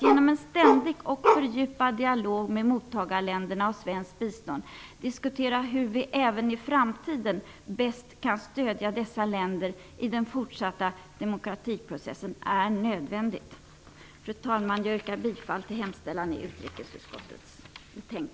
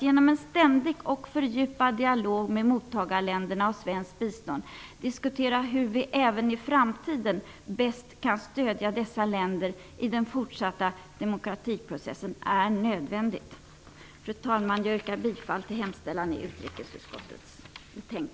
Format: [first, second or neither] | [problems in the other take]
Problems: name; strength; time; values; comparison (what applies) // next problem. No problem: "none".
second | background sound (Bark); 4 dB above the speech